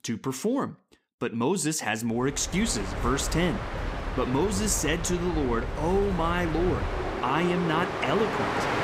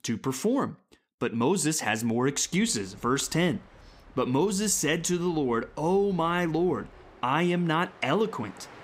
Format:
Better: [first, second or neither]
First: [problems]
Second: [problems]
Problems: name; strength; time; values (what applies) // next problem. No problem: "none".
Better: second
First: train or aircraft noise; loud; from 2.5 s on; 4 dB below the speech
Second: train or aircraft noise; faint; from 2.5 s on; 25 dB below the speech